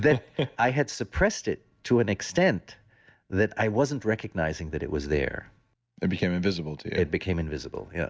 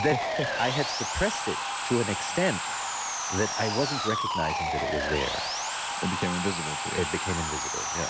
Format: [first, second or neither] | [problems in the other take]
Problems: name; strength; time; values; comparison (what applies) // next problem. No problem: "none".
first | background sound (Sawing); as loud as the speech